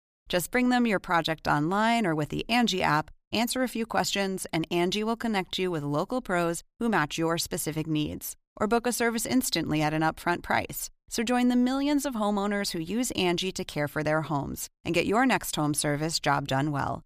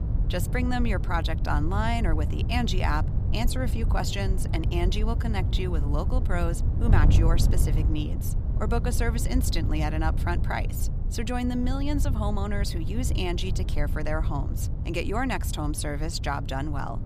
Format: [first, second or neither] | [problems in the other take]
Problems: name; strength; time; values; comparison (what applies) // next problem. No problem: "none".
first | wind noise on the microphone; heavy; 10 dB below the speech